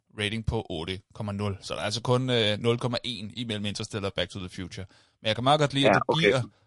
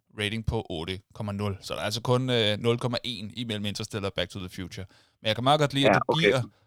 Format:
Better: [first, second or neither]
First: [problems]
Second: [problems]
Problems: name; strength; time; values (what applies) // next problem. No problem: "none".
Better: second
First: garbled, watery; slightly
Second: none